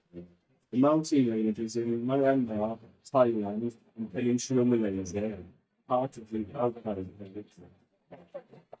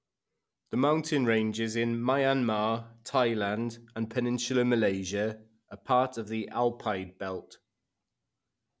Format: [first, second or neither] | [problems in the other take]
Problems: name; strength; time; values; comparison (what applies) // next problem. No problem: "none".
second | noise reduction (neural mask model DeepFilterNet 3)